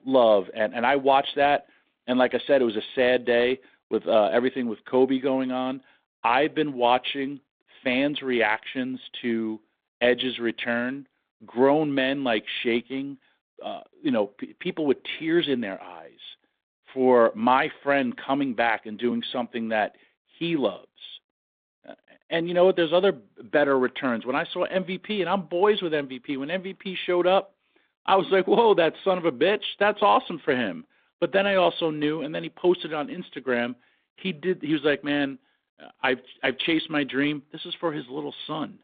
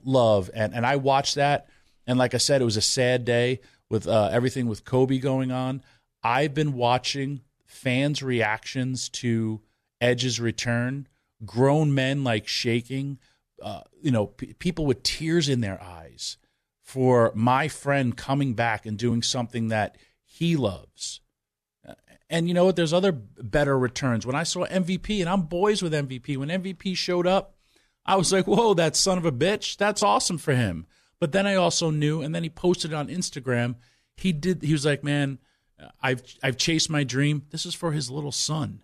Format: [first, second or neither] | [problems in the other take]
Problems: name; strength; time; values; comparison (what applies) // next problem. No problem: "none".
second | phone-call audio; nothing above 3.5 kHz